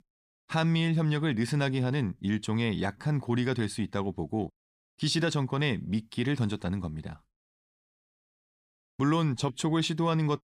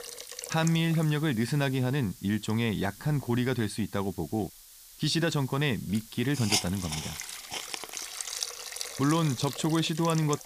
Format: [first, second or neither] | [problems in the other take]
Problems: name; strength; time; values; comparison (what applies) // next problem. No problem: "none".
first | hiss; loud; throughout; 7 dB below the speech